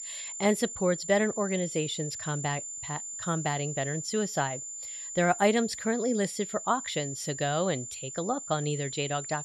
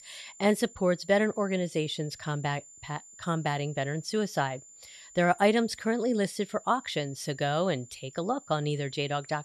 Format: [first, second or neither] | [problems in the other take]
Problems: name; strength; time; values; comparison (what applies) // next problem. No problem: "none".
second | high-pitched whine; loud; throughout; 7 kHz, 7 dB below the speech; faint in the second